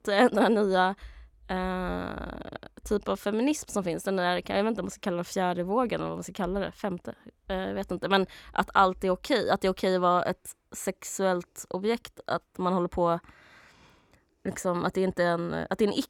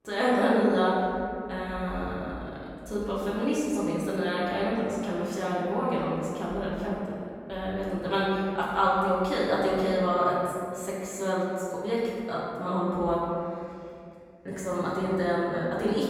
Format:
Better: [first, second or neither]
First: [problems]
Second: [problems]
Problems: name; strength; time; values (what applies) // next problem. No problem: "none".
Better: first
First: none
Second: off-mic speech; far // room echo; strong; dies away in 2.1 s